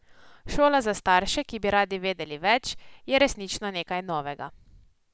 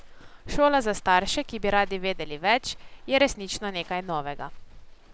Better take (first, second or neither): first